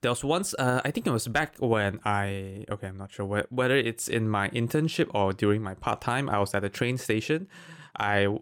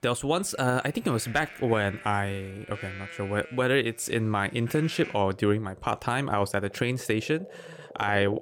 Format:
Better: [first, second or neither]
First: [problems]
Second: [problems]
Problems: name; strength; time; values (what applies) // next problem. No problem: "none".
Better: first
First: none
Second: animal sounds; noticeable; throughout; 15 dB below the speech